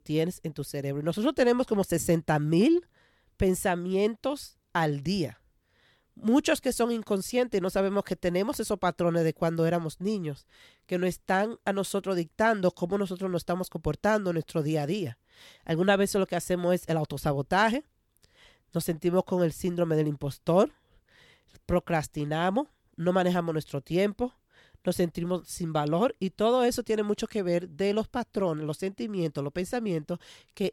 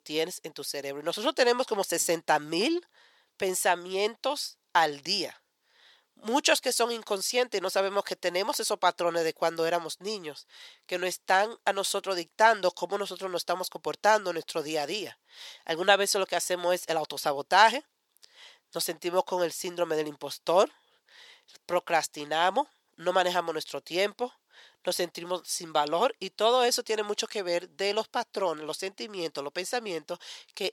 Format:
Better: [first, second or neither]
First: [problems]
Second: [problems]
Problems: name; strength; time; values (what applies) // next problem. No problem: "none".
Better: first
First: none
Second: thin; very; fading below 500 Hz